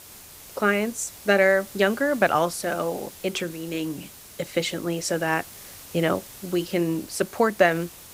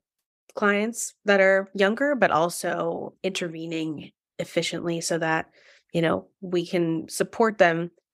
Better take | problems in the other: second | hiss; noticeable; throughout; 15 dB below the speech

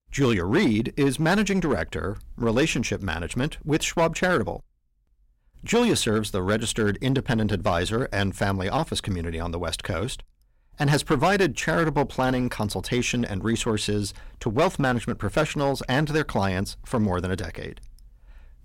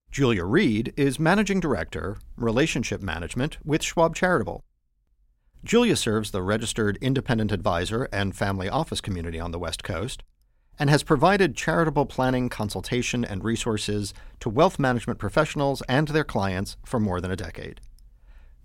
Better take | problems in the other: second | distortion; slight; 5% of the sound clipped

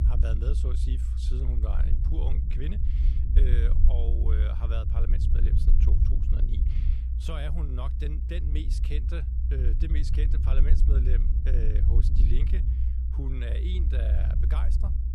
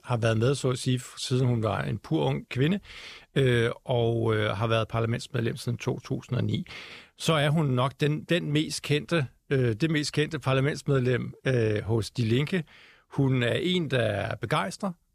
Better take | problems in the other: second | low rumble; loud; throughout; 3 dB below the speech

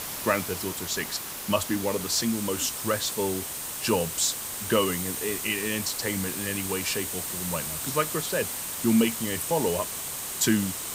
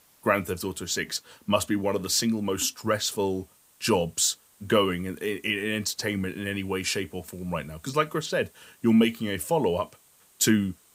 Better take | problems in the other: second | hiss; loud; throughout; 3 dB below the speech; faint in the second

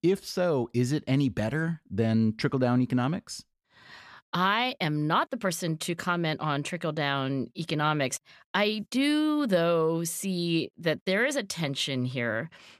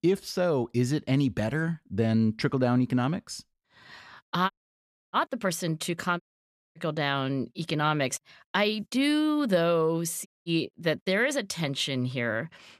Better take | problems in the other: first | audio cutting out; at 4.5 s for 0.5 s, at 6 s for 0.5 s and at 10 s

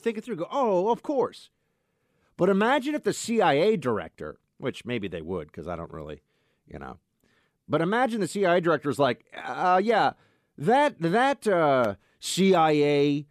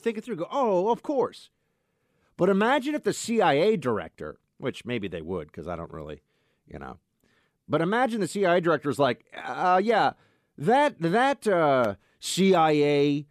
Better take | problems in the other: neither | none

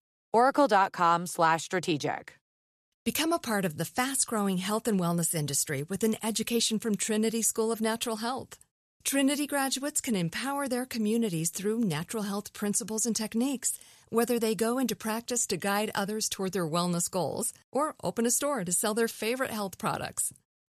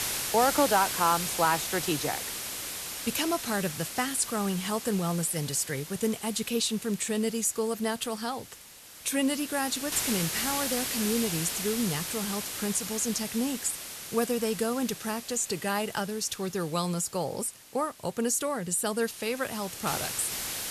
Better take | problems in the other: first | hiss; loud; throughout; 4 dB below the speech

